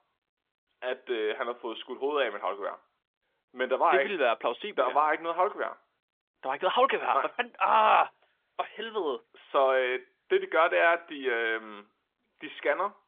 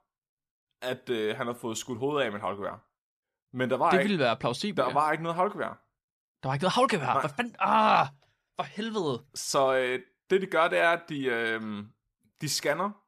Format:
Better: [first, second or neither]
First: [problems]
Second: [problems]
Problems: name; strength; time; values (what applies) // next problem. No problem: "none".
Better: second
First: phone-call audio; nothing above 3.5 kHz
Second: none